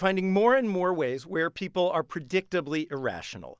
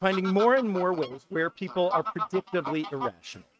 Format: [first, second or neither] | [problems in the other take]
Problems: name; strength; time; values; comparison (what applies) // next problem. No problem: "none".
first | noise reduction (neural mask model RNNoise)